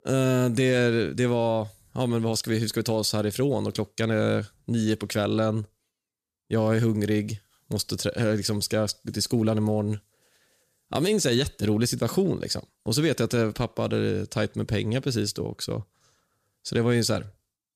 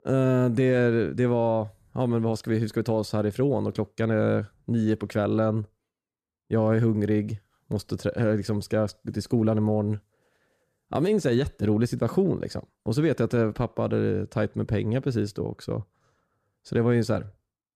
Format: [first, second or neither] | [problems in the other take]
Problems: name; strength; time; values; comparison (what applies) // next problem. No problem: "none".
first | muffled; slightly; fading above 2.5 kHz